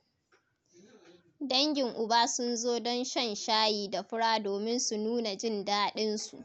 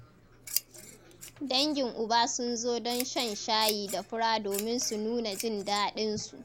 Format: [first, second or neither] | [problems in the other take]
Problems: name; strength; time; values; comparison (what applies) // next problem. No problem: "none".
first | background sound (Scissors); 12 dB below the speech